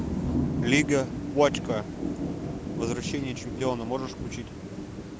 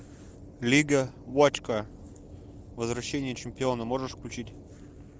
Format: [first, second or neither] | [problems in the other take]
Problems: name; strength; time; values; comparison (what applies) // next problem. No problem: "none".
second | background sound (Thunder / Rain); 2 dB below the speech